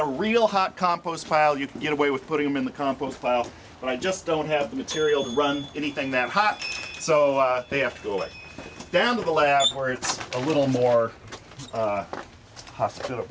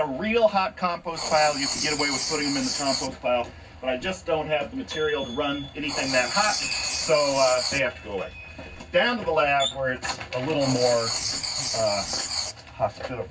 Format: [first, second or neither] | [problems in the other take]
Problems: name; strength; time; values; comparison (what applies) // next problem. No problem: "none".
first | background sound (Writing); 7 dB below the speech // room echo; dies away in 0.4 s